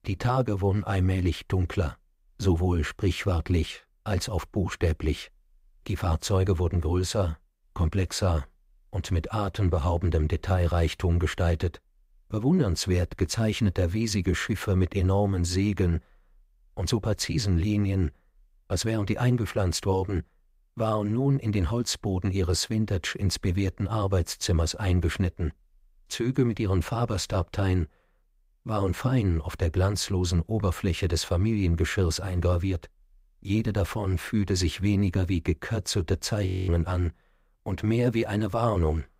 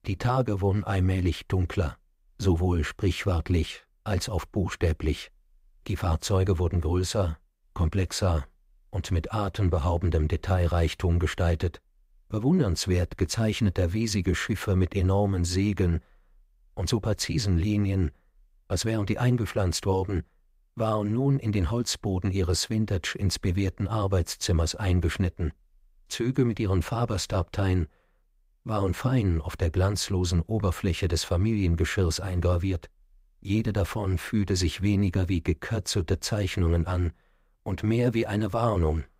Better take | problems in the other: second | audio freezing; at 36 s

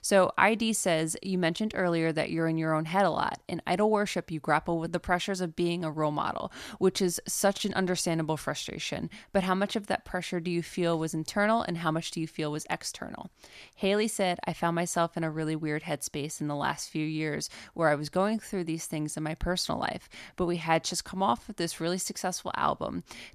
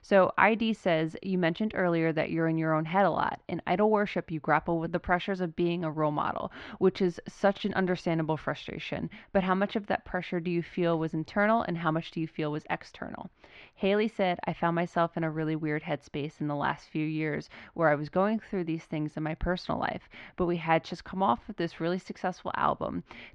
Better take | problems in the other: first | muffled; very; fading above 3 kHz

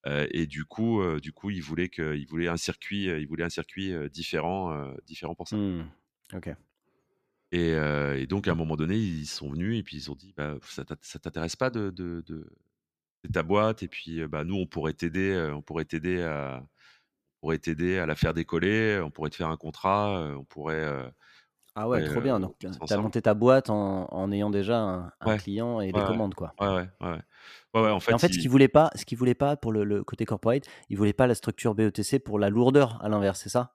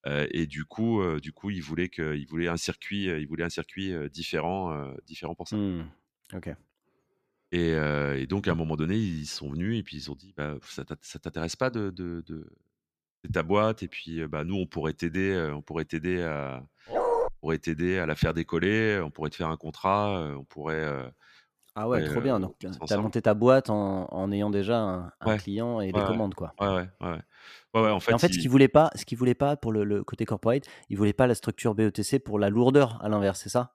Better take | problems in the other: first | dog barking; loud; at 17 s; peak 2 dB above the speech

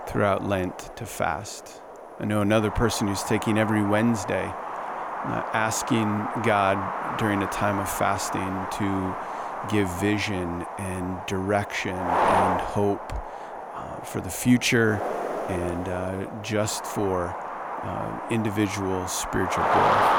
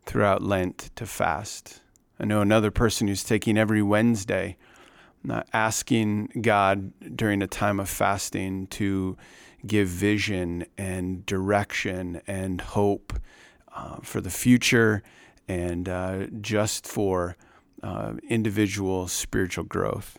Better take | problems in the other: second | wind noise on the microphone; heavy; 1 dB below the speech

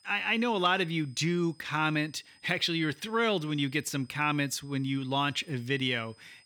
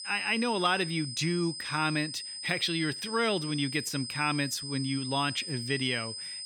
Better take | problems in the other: first | high-pitched whine; loud; throughout; 5 kHz, 7 dB below the speech; faint in the first

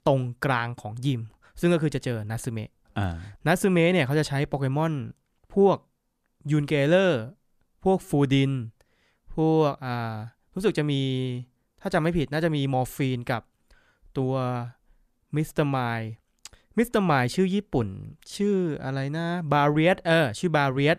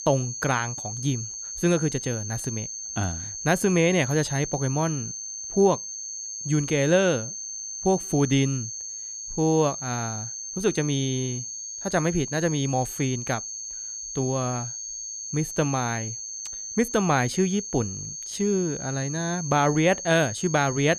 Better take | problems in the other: first | high-pitched whine; loud; throughout; 6.5 kHz, 7 dB below the speech

